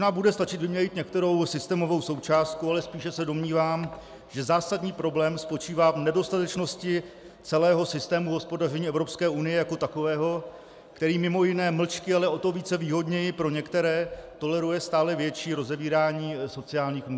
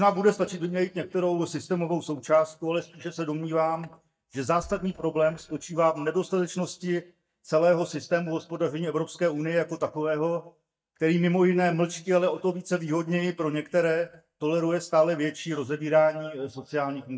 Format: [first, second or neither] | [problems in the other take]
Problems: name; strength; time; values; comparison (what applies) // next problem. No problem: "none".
first | noise reduction (neural mask model DeepFilterNet 3)